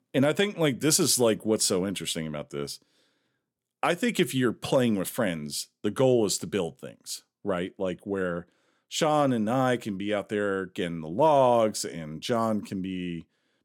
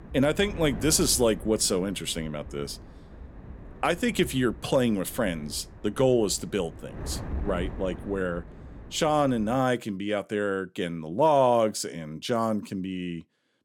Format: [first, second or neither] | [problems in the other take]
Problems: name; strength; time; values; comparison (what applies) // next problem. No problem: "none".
first | wind noise on the microphone; occasional gusts; until 9.5 s; 20 dB below the speech